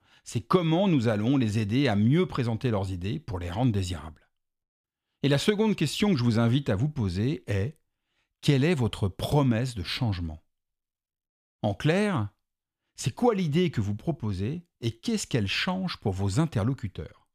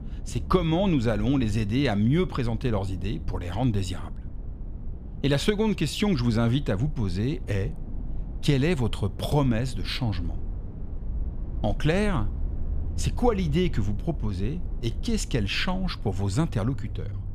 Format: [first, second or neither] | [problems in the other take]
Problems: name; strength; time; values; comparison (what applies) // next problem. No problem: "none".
first | low rumble; noticeable; throughout; 20 dB below the speech